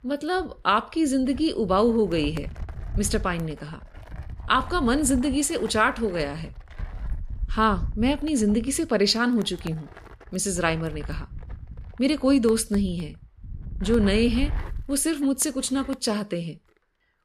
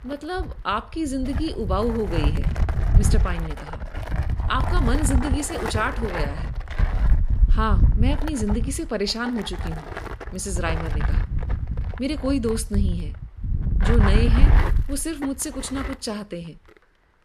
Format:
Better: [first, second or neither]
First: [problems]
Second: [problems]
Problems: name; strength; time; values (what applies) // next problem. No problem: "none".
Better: first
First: wind noise on the microphone; occasional gusts; 20 dB below the speech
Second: wind noise on the microphone; heavy; 6 dB below the speech